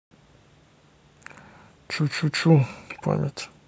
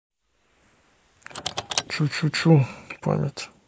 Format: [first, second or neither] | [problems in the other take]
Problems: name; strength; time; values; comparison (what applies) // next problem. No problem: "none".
first | noise reduction (neural mask model Resemble Enhance denoiser)